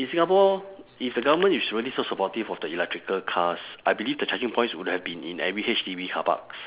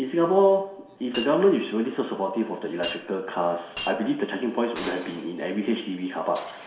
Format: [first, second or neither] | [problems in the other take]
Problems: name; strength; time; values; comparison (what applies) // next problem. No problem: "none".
first | background sound (Shatter); 17 dB below the speech // room echo; dies away in 0.7 s